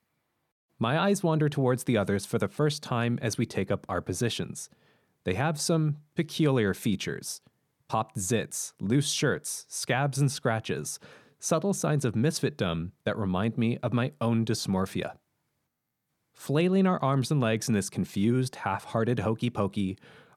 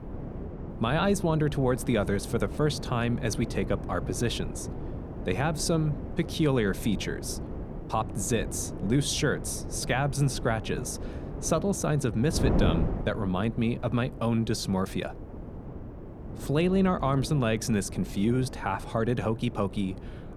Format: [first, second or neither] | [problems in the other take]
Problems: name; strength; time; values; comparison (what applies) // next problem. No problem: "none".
first | wind noise on the microphone; occasional gusts; 10 dB below the speech